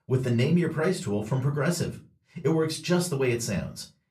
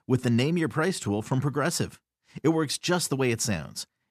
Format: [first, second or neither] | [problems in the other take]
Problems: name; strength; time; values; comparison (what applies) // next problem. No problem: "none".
second | off-mic speech; somewhat distant // room echo; very slight; dies away in 0.3 s